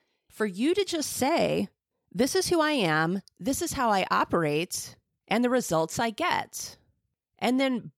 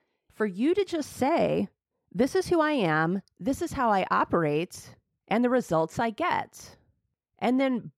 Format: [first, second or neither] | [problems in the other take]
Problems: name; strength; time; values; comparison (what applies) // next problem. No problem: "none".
first | muffled; slightly; fading above 3 kHz